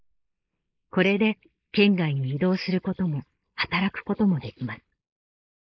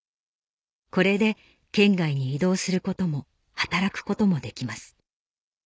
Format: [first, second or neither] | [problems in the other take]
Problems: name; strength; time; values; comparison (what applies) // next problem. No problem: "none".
second | noise reduction (neural mask model Resemble Enhance denoiser)